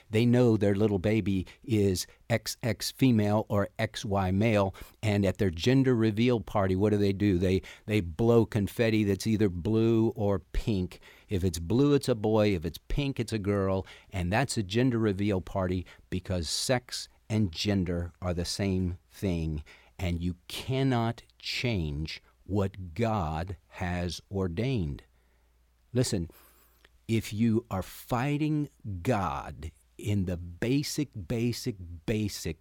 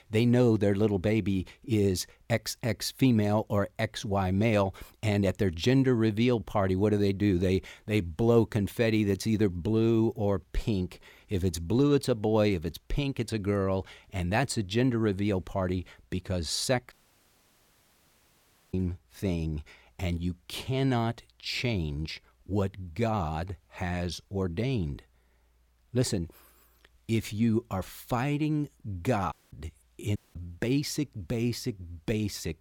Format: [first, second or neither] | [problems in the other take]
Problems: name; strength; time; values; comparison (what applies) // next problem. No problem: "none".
first | audio cutting out; at 17 s for 2 s, at 29 s and at 30 s